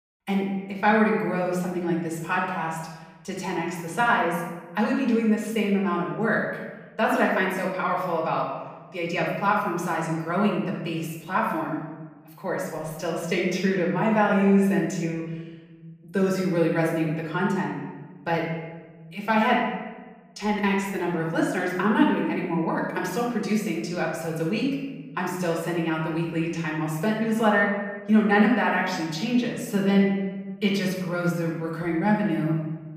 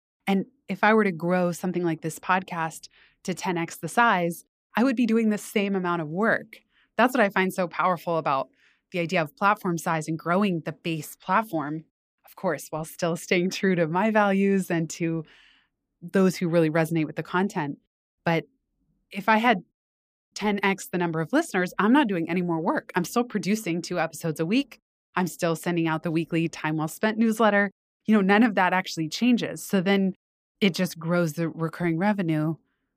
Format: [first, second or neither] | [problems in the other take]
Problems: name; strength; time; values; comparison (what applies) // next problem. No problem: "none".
second | off-mic speech; far // room echo; noticeable; dies away in 1.1 s